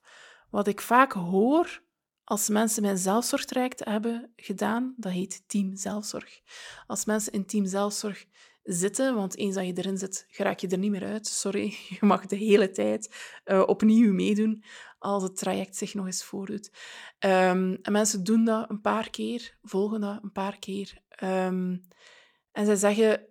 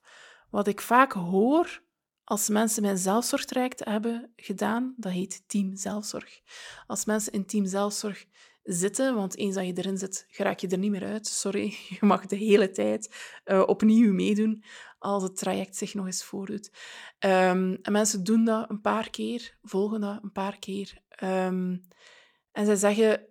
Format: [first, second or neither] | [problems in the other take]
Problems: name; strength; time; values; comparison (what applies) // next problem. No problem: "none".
neither | none